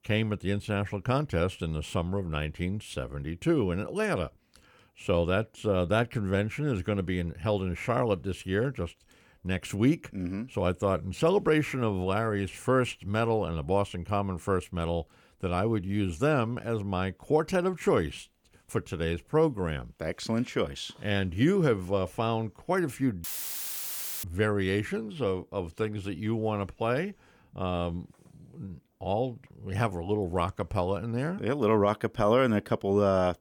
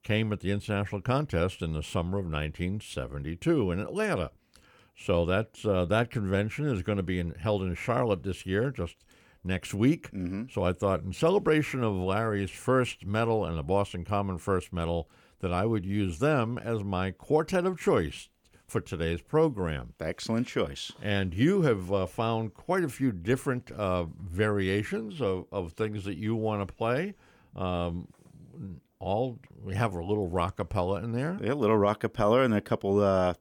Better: second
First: audio cutting out; filled with static; at 23 s for 1 s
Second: none

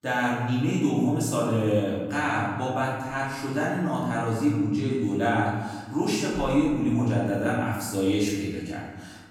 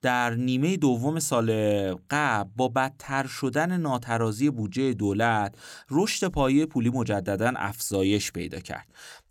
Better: second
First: off-mic speech; far // room echo; noticeable; dies away in 1.2 s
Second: none

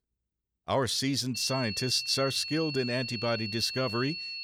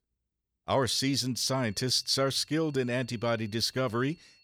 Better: second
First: high-pitched whine; loud; from 1.5 s on; 4.5 kHz, 6 dB below the speech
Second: high-pitched whine; faint; from 1.5 s on; 4.5 kHz, 30 dB below the speech

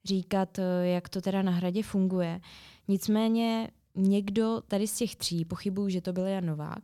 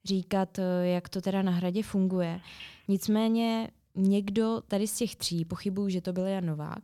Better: first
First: none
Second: phone ringing; faint; at 2.5 s; peak 15 dB below the speech

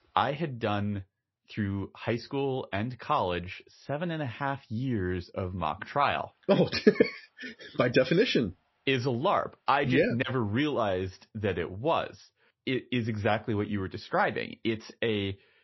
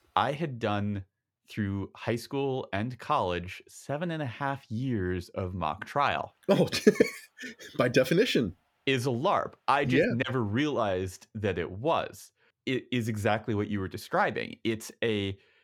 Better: second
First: garbled, watery; slightly; nothing above 5.5 kHz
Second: none

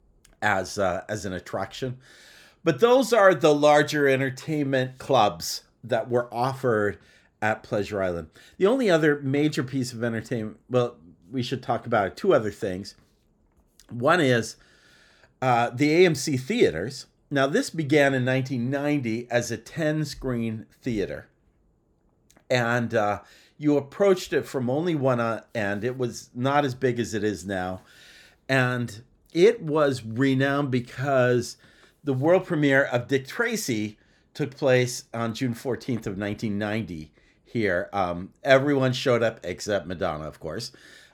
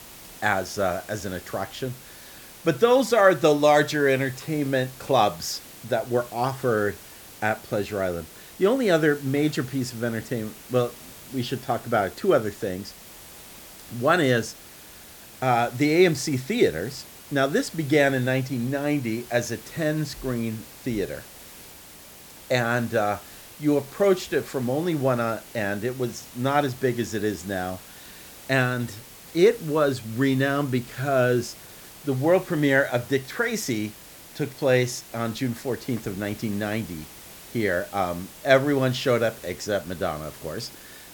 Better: first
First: none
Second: hiss; noticeable; throughout; 20 dB below the speech

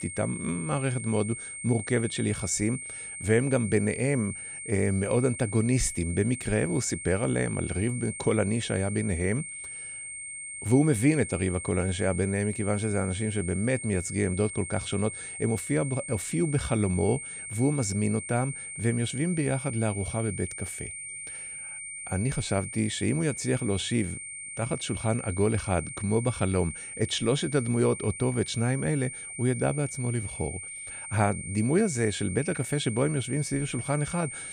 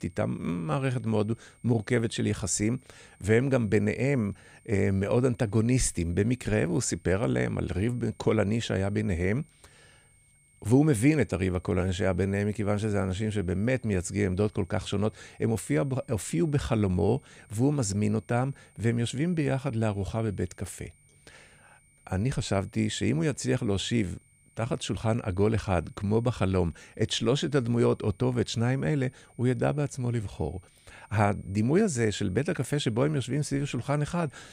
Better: second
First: high-pitched whine; loud; throughout; 8.5 kHz, 8 dB below the speech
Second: high-pitched whine; faint; throughout; 8.5 kHz, 35 dB below the speech

